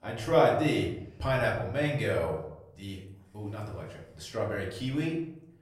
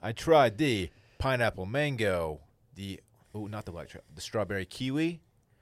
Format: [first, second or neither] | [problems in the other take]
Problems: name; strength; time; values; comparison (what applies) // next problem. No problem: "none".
second | room echo; slight; dies away in 0.6 s // off-mic speech; far